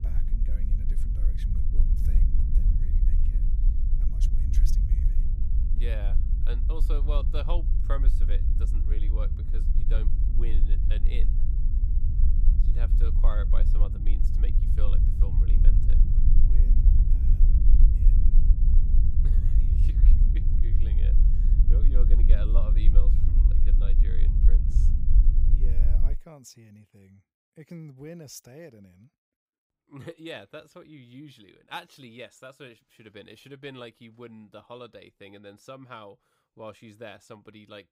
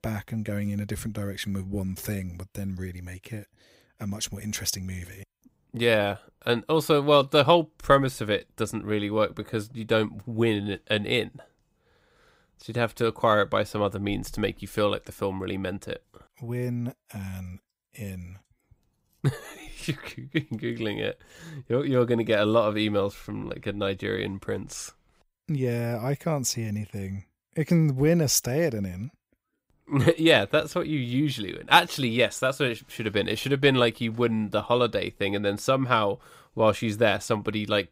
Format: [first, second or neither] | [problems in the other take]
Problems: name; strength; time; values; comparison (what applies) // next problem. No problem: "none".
second | low rumble; loud; until 26 s; 3 dB below the speech